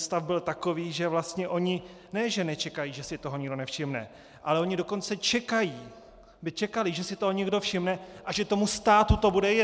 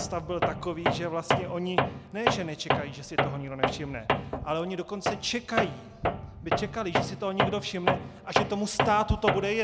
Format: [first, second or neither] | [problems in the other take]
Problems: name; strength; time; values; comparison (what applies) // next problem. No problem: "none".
first | background sound (Tools); 2 dB above the speech